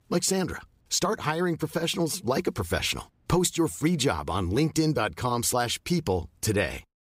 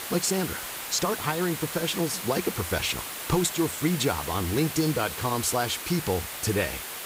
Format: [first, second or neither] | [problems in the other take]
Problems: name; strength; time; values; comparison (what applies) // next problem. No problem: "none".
first | hiss; loud; throughout; 6 dB below the speech